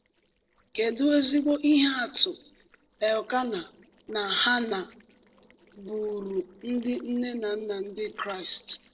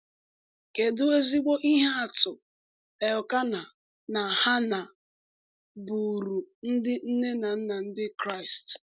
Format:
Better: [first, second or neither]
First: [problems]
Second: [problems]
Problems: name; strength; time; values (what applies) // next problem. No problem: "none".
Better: second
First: noise reduction (neural separator model SepFormer DNS4)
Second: none